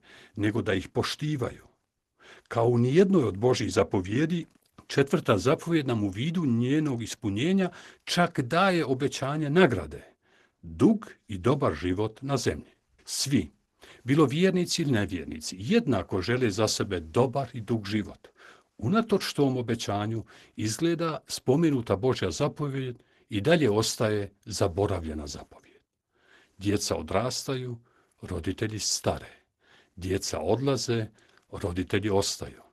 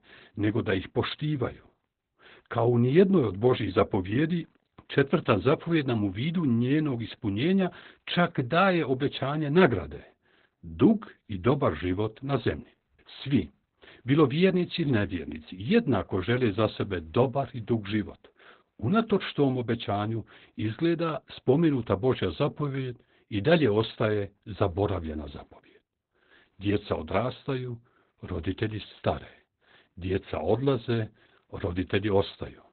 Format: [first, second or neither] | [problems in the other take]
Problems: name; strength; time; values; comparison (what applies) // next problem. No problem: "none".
first | garbled, watery; badly; nothing above 4 kHz; slightly in the first